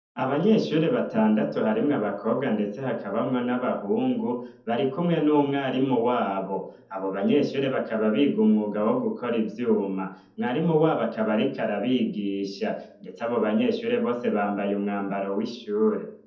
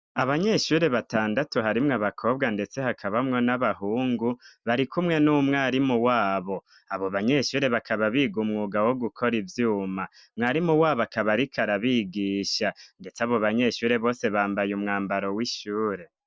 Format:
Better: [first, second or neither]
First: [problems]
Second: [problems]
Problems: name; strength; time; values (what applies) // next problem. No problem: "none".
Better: second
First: room echo; dies away in 0.6 s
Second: none